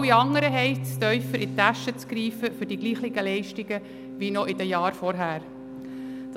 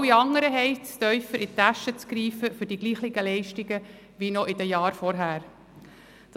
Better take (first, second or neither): second